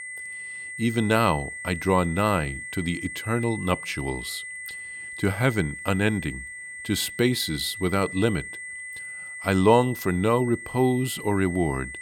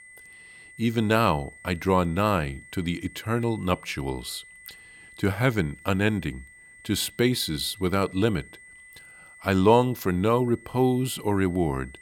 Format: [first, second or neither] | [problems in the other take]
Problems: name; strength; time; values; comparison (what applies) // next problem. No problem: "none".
second | high-pitched whine; loud; throughout; 2 kHz, 10 dB below the speech; faint in the second